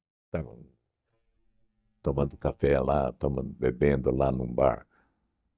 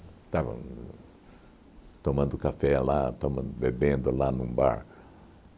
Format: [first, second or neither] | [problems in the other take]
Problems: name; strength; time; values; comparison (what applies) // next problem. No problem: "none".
second | noise reduction (neural mask model DeepFilterNet 3)